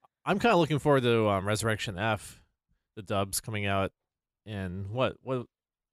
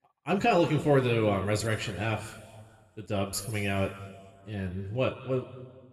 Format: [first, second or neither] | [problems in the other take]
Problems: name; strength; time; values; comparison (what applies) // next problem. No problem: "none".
first | room echo; noticeable; dies away in 1.5 s // off-mic speech; somewhat distant